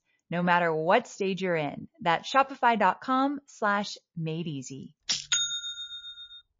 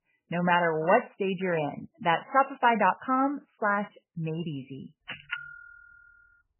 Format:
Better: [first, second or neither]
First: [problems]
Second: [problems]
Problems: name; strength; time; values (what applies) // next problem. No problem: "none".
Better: first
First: garbled, watery; slightly; nothing above 6.5 kHz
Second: garbled, watery; badly; nothing above 3 kHz